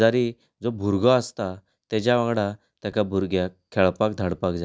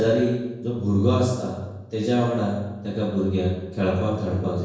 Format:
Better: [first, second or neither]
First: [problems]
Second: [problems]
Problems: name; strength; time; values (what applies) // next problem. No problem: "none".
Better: first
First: none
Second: room echo; dies away in 1 s